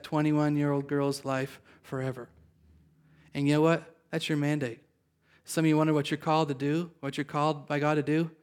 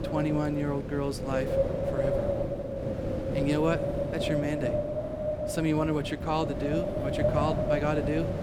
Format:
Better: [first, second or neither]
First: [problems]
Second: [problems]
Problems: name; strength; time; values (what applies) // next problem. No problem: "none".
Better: first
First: none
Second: wind noise on the microphone; heavy; 1 dB above the speech